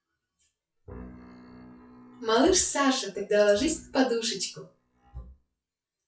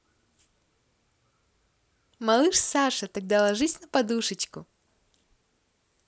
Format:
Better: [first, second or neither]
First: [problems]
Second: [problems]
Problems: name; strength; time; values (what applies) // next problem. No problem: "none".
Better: second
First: noise reduction (classical method WPE with log-MMSE)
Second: none